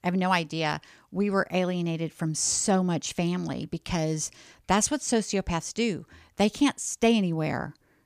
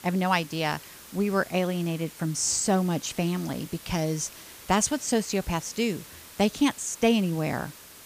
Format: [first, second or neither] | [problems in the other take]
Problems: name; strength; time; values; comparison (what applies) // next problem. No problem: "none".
first | hiss; noticeable; throughout; 15 dB below the speech